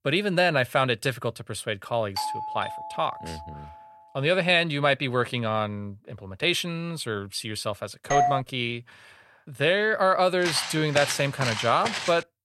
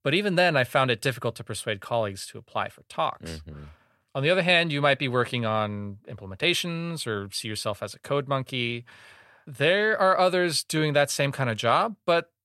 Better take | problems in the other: second | doorbell; noticeable; from 2 to 3.5 s; peak 5 dB below the speech // doorbell; loud; at 8 s; peak 2 dB above the speech // footsteps; noticeable; from 10 s on; peak 4 dB below the speech

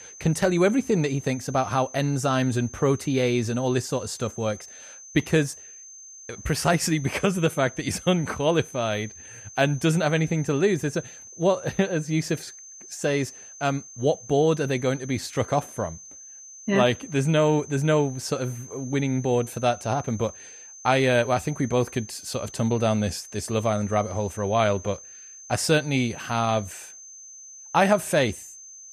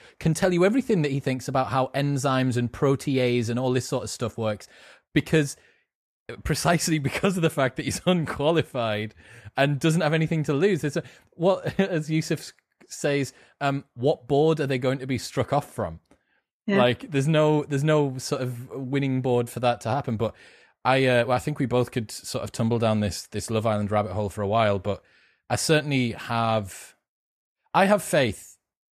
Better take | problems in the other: second | high-pitched whine; noticeable; throughout; 6.5 kHz, 15 dB below the speech

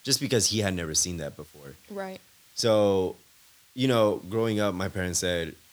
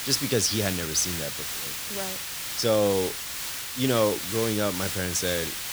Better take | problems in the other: first | hiss; loud; throughout; 4 dB below the speech; faint in the first

